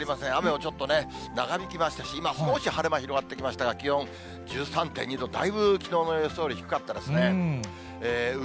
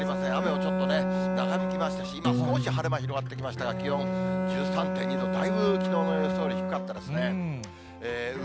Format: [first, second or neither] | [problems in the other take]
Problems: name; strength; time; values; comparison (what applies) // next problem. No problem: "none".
first | background sound (Bowed string instrument + Acoustic guitar); 3 dB above the speech